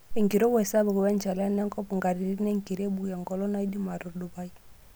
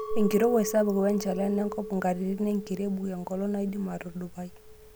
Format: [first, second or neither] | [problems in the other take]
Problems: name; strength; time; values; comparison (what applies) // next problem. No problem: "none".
first | background sound (Chink, clink); 12 dB below the speech